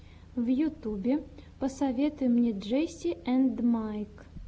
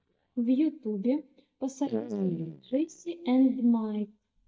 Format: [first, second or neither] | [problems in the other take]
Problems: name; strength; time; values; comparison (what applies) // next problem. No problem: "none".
first | noise reduction (neural mask model DeepFilterNet 3)